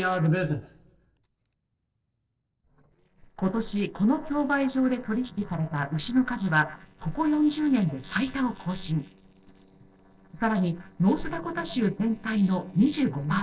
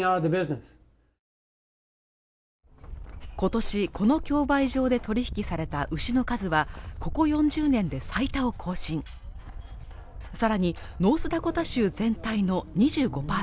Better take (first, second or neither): second